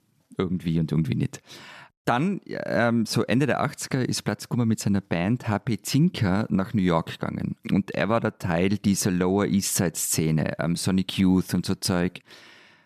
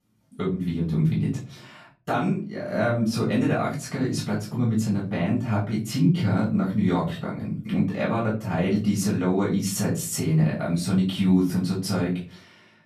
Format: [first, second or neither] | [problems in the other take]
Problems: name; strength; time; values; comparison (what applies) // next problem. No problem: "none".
first | off-mic speech; far // room echo; slight; dies away in 0.4 s